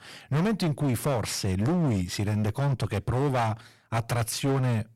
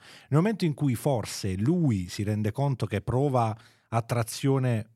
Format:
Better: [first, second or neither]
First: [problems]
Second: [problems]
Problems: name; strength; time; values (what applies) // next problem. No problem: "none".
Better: second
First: distortion; heavy; 20% of the sound clipped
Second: none